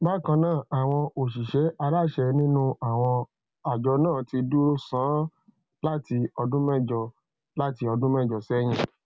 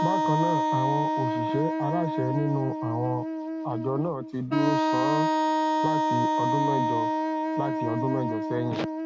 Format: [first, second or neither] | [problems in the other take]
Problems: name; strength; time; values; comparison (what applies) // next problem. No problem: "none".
first | background sound (Wind instrument, woodwind instrument); 3 dB above the speech